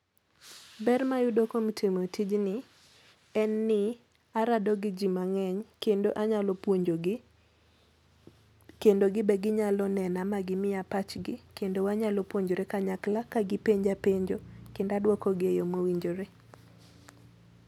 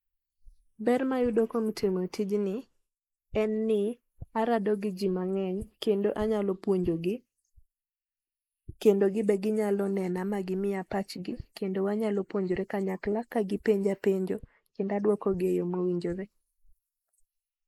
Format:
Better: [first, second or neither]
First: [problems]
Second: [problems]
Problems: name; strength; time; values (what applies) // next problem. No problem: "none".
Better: first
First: none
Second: noise reduction (neural mask model Resemble Enhance denoiser)